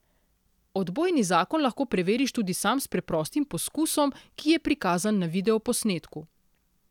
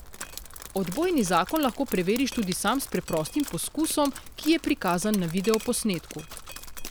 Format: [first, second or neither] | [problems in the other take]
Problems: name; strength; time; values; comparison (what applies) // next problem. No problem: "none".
first | background sound (Drip); 13 dB below the speech